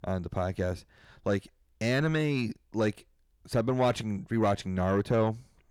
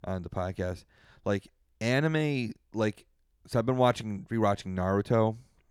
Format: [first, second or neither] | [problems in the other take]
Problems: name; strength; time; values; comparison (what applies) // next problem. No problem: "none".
second | distortion; slight; 10 dB below the speech